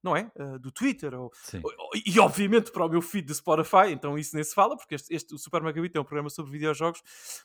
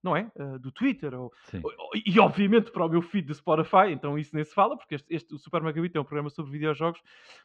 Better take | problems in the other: first | muffled; very; fading above 3.5 kHz

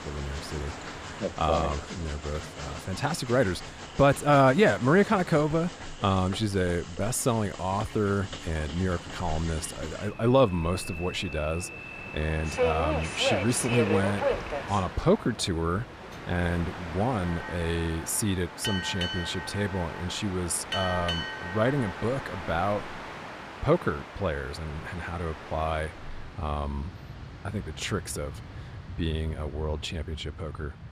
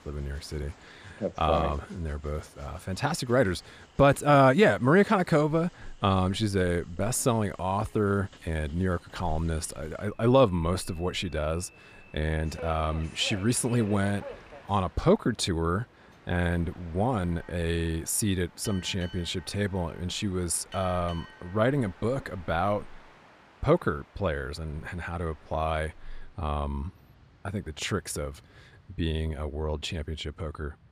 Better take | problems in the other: second | train or aircraft noise; loud; throughout; 8 dB below the speech; faint in the second

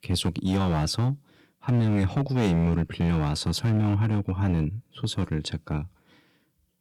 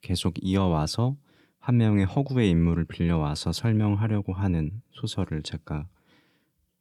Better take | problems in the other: second | distortion; slight; 9% of the sound clipped

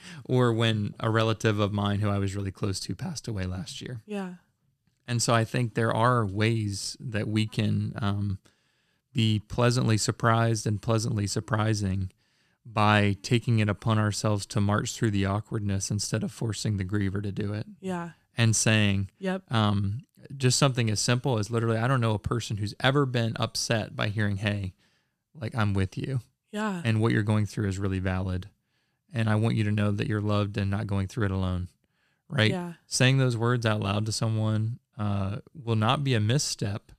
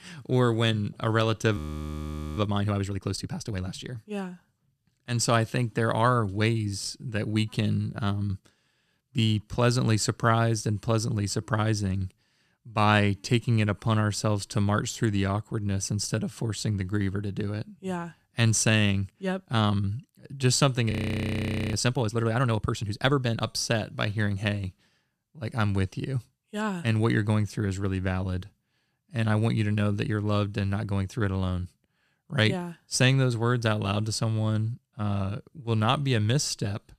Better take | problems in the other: first | audio freezing; at 1.5 s for 1 s and at 21 s for 1 s

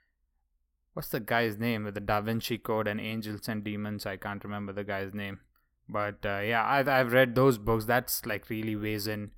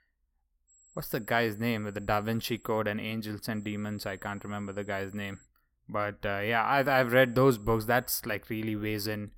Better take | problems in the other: first | high-pitched whine; faint; from 0.5 to 3 s, from 3.5 to 5.5 s and from 7 to 8 s; 7.5 kHz, 30 dB below the speech

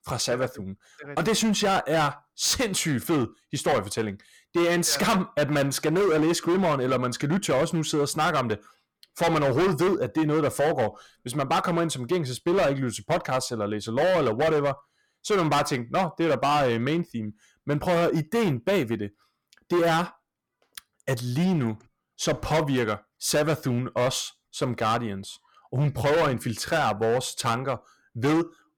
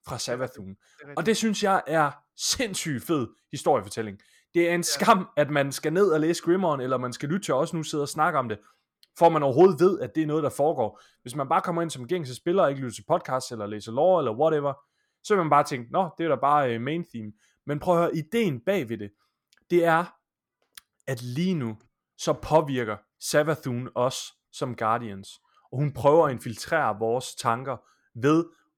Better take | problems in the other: second | distortion; heavy; 15% of the sound clipped

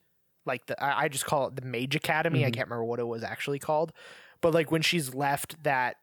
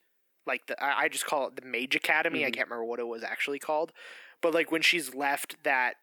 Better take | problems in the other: first | thin; somewhat; fading below 250 Hz

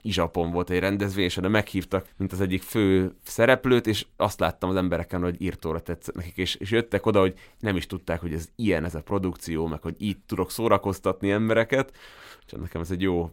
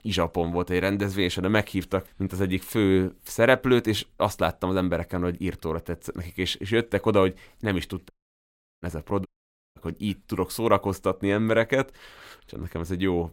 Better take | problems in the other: first | audio cutting out; at 8 s for 0.5 s and at 9.5 s

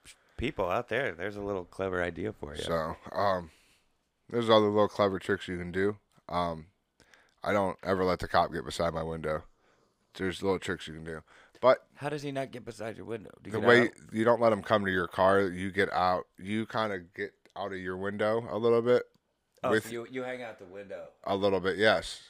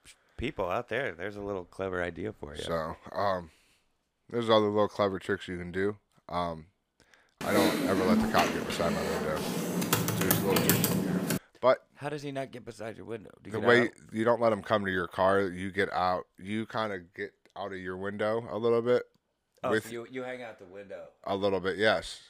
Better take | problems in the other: first | keyboard typing; loud; from 7.5 to 11 s; peak 6 dB above the speech

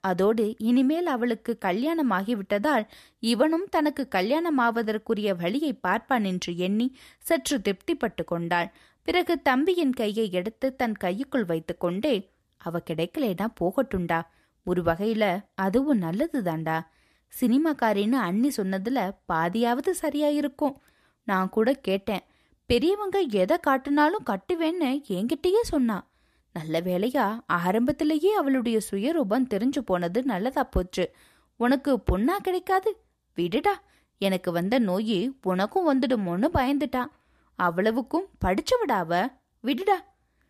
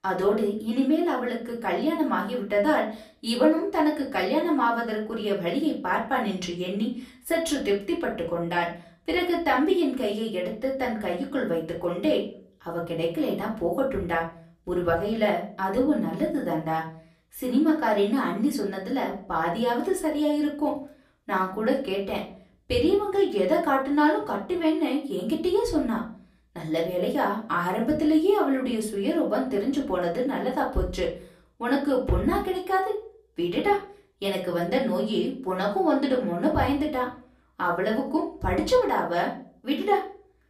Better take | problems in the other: first | off-mic speech; far // room echo; slight; dies away in 0.4 s

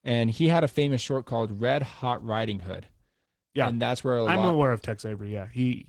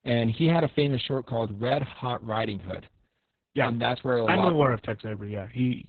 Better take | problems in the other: first | garbled, watery; badly; nothing above 4 kHz; slightly in the first

